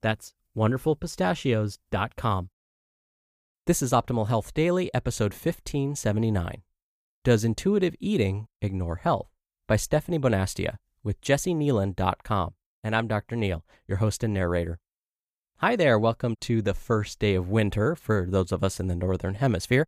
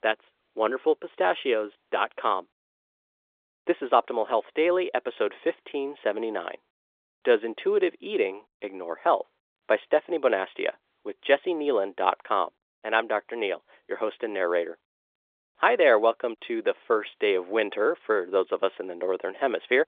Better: first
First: none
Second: phone-call audio; nothing above 3.5 kHz

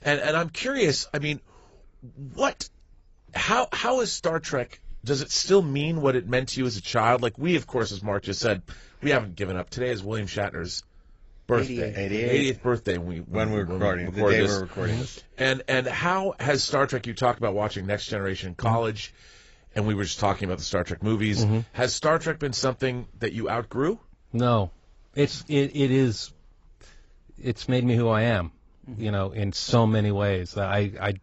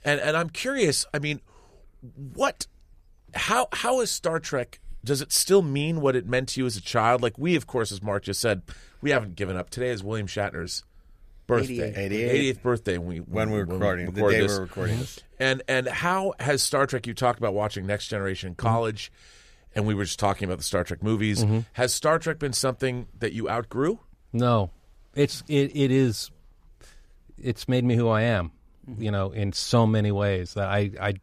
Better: second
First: garbled, watery; badly; nothing above 7.5 kHz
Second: none

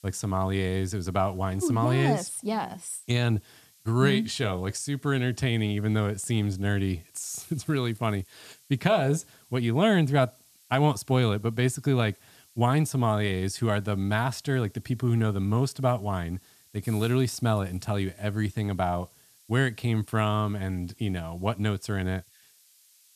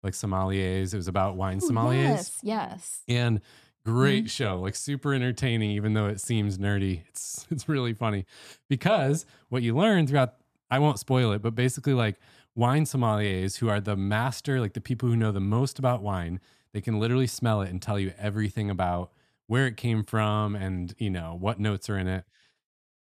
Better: second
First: hiss; faint; throughout; 25 dB below the speech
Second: none

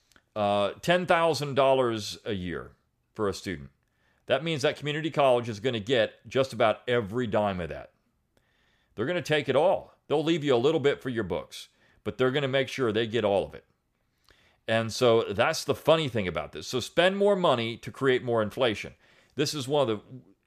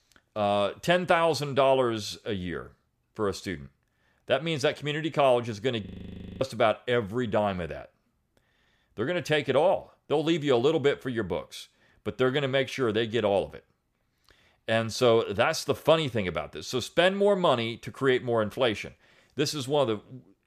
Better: first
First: none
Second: audio freezing; at 6 s for 0.5 s

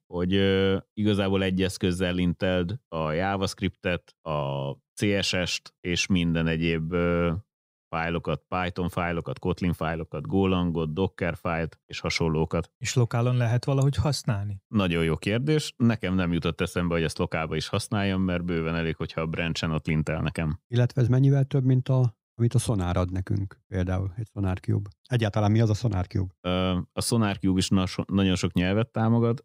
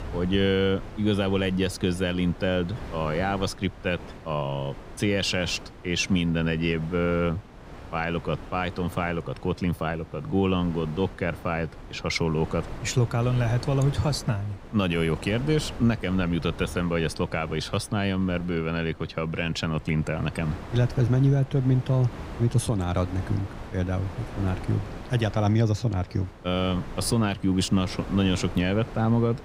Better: first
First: none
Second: wind noise on the microphone; occasional gusts; 15 dB below the speech

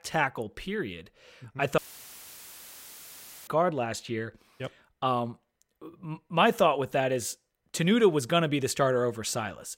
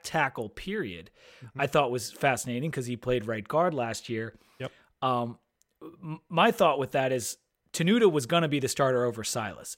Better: second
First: audio cutting out; filled with static; at 2 s for 1.5 s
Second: none

